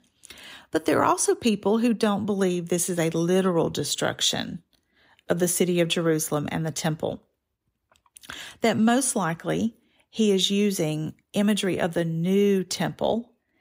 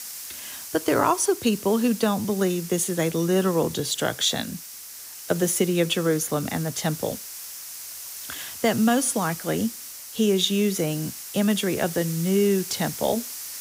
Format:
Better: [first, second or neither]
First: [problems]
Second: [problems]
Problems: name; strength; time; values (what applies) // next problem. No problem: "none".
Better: first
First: none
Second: hiss; noticeable; throughout; 10 dB below the speech